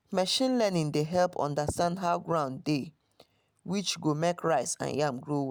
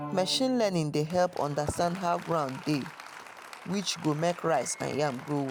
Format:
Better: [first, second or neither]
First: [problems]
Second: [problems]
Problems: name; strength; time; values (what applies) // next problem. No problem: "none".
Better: first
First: none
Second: background sound (Applause); 15 dB below the speech